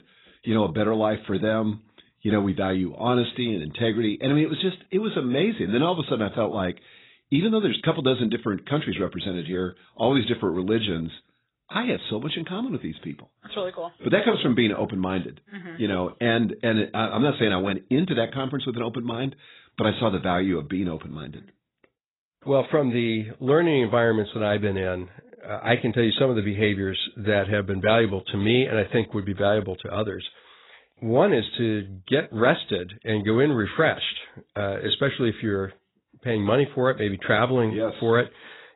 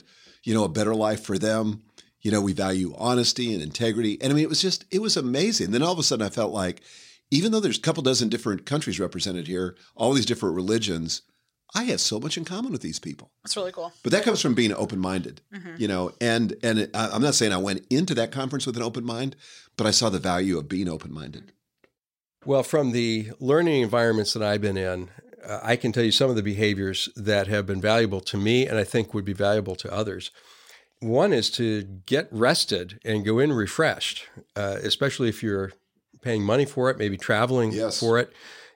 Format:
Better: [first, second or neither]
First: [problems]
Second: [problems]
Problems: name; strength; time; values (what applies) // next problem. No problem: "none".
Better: second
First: garbled, watery; badly; nothing above 4 kHz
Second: none